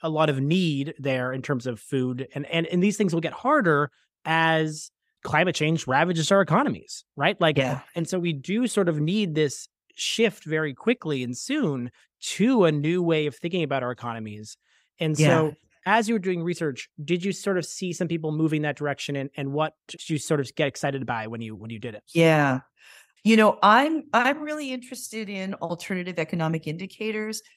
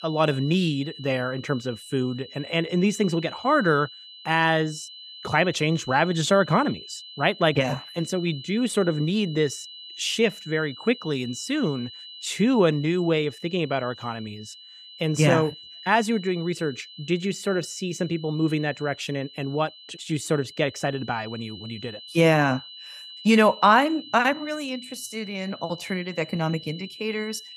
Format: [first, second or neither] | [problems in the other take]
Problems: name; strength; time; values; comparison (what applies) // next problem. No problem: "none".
first | high-pitched whine; noticeable; throughout; 4 kHz, 15 dB below the speech